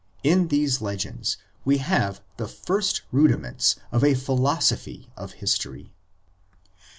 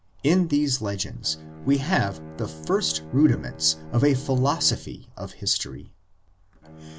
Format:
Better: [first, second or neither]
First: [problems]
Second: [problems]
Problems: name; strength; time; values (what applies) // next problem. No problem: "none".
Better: first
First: none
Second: background sound (Bowed string instrument); 17 dB below the speech